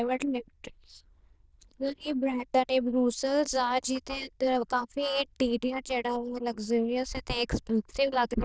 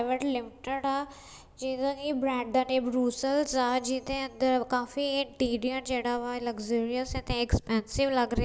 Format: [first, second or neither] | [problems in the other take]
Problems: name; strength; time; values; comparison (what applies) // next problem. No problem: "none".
second | noise reduction (neural diffusion model UNIVERSE++)